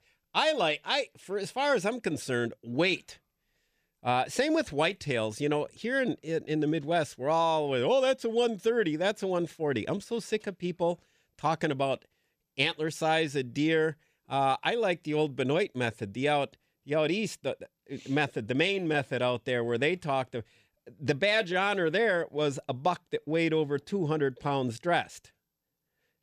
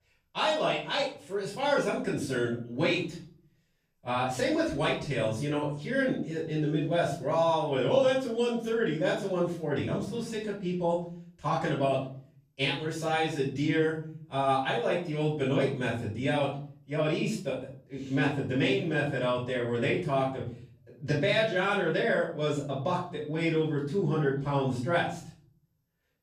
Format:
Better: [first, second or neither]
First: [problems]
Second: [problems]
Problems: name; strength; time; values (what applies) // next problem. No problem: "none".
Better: first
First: none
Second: off-mic speech; far // room echo; noticeable; dies away in 0.6 s